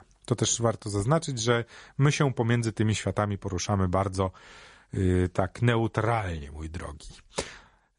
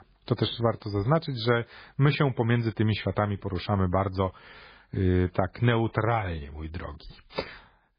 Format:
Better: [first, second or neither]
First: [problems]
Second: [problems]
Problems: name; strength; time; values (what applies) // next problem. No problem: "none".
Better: first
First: garbled, watery; slightly; nothing above 10.5 kHz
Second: garbled, watery; badly; nothing above 4 kHz